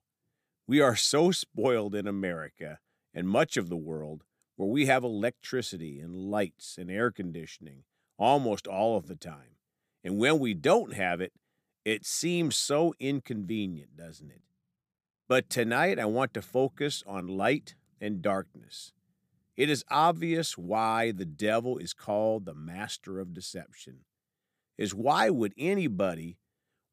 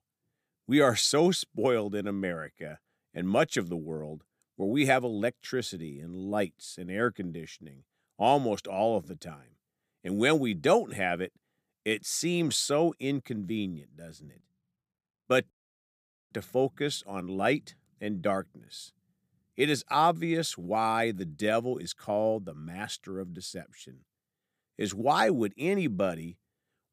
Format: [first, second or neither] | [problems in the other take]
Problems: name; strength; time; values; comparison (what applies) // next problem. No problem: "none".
first | audio cutting out; at 16 s for 1 s